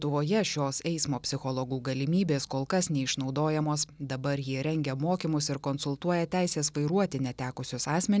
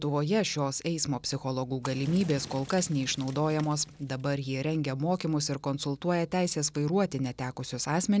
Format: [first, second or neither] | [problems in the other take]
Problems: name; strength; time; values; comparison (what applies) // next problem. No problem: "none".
first | background sound (Fire); 17 dB below the speech